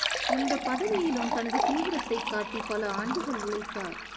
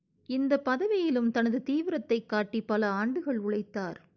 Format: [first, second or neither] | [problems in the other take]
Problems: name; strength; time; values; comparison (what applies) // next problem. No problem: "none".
second | background sound (Fill (with liquid)); 1 dB below the speech // room echo; dies away in 1.2 s